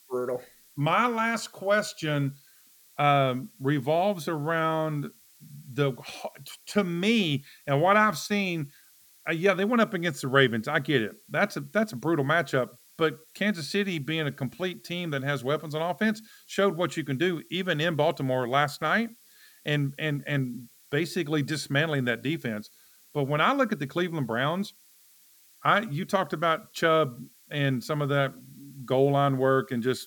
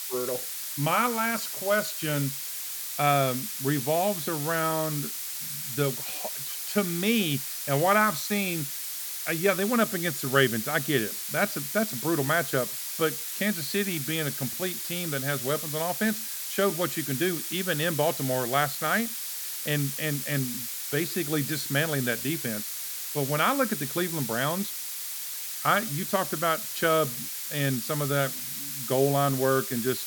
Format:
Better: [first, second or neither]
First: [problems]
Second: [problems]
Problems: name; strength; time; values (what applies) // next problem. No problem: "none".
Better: first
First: hiss; faint; throughout; 25 dB below the speech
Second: hiss; loud; throughout; 4 dB below the speech